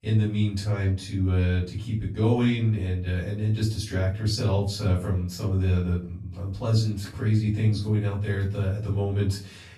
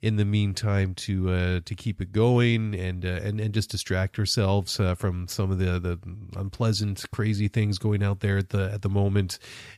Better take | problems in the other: second | off-mic speech; far // room echo; slight; dies away in 0.3 s

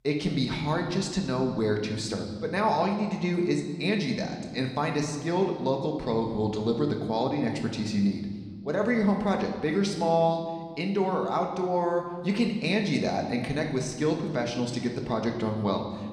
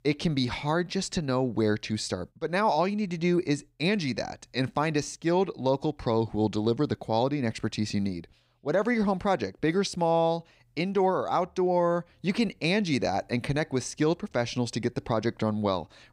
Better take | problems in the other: second | room echo; slight; dies away in 1.5 s

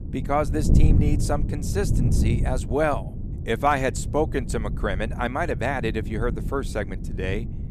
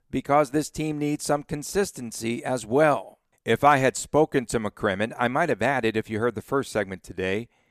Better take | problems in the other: second | wind noise on the microphone; occasional gusts; 10 dB below the speech

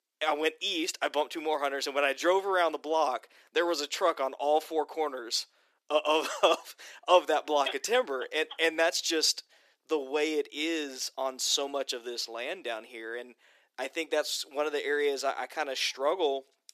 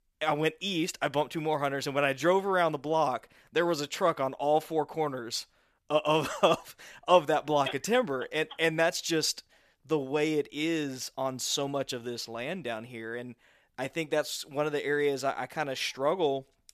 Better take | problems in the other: second | thin; somewhat; fading below 300 Hz

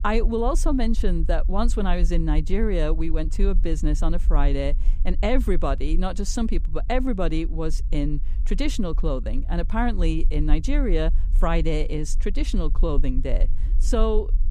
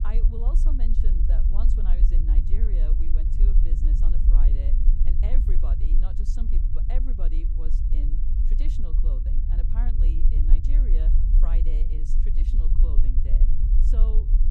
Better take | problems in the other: first | low rumble; loud; throughout; as loud as the speech; faint in the first

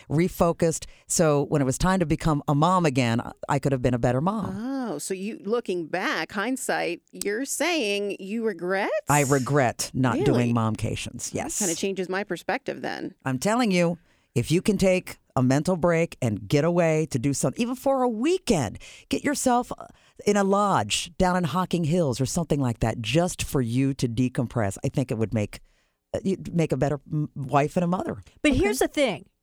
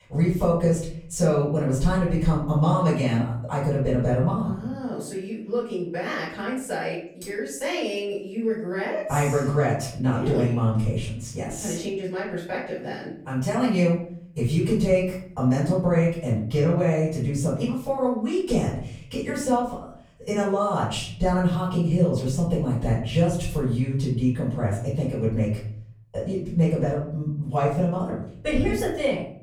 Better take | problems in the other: first | off-mic speech; far // room echo; noticeable; dies away in 0.8 s

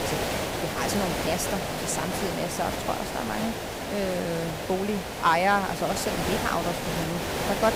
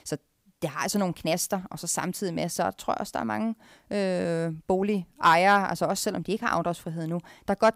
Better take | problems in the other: second | hiss; loud; throughout; 1 dB below the speech

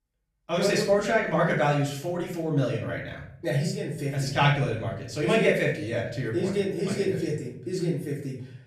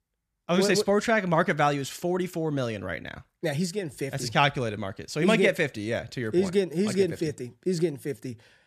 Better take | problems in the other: second | room echo; slight; dies away in 0.7 s // off-mic speech; far

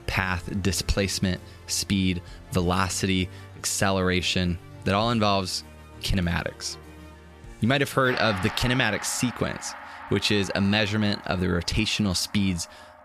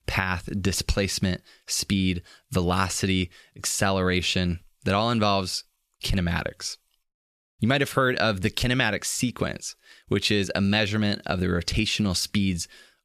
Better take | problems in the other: second | background music; noticeable; throughout; 15 dB below the speech

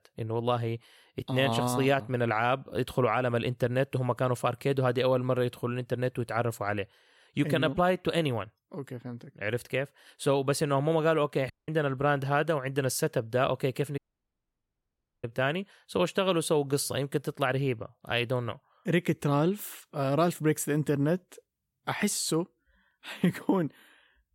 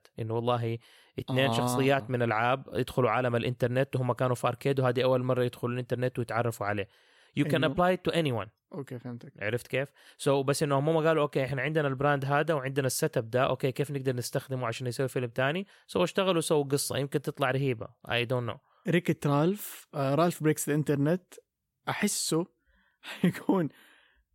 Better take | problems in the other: second | audio cutting out; at 12 s and at 14 s for 1.5 s

